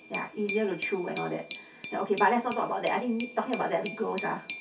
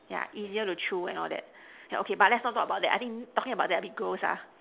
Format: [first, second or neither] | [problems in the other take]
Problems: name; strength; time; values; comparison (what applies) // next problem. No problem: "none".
second | background sound (Glass); 11 dB below the speech // room echo; dies away in 0.3 s